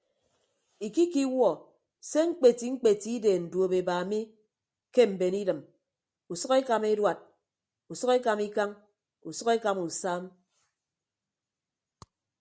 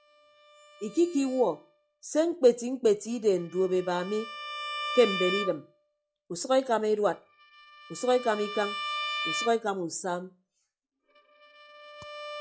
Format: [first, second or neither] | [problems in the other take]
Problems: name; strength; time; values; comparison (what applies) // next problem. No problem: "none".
first | noise reduction (classical method log-MMSE)